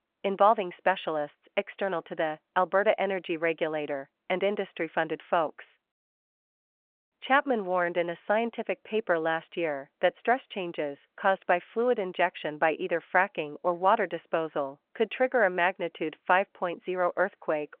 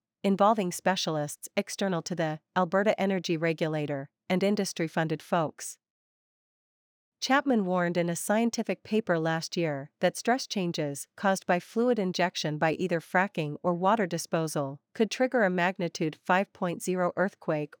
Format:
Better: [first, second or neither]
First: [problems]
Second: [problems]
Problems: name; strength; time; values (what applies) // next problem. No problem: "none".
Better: second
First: phone-call audio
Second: none